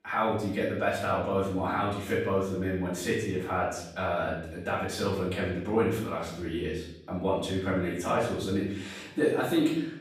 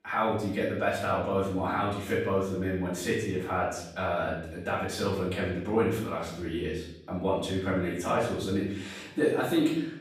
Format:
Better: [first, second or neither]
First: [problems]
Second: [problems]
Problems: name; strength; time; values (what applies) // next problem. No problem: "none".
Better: neither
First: room echo; noticeable; dies away in 0.8 s // off-mic speech; far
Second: room echo; noticeable; dies away in 0.8 s // off-mic speech; far